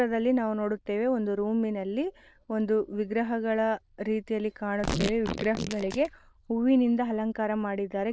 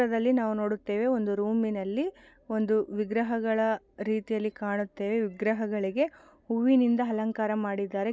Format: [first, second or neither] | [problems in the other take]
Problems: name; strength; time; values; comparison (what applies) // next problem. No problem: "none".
second | noise reduction (neural diffusion model UNIVERSE++)